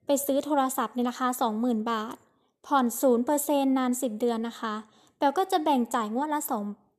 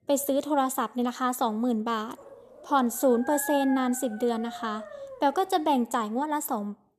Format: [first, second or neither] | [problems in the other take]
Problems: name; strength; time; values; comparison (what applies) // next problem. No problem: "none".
first | dog barking; noticeable; from 2 to 5.5 s; peak 8 dB below the speech